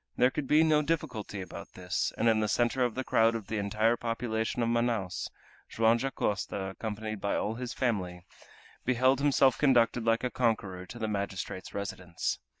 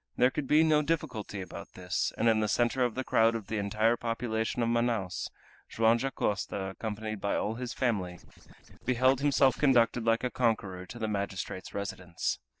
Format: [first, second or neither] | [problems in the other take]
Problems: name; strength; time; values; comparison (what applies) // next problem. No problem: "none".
first | noise reduction (neural separator model SepFormer DNS4)